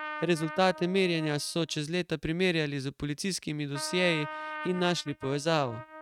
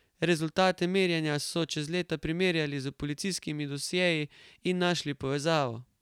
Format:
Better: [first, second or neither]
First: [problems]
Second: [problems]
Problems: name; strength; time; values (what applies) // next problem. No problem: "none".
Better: second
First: noise reduction (neural mask model RNNoise)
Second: none